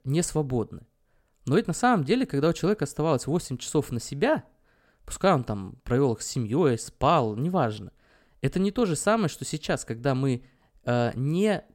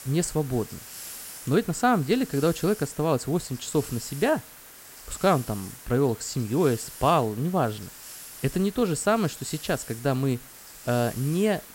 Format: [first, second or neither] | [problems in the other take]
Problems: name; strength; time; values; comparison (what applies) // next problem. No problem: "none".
first | hiss; noticeable; throughout; 15 dB below the speech